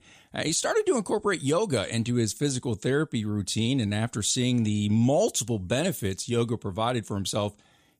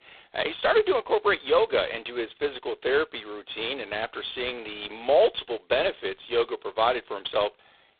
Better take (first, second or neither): first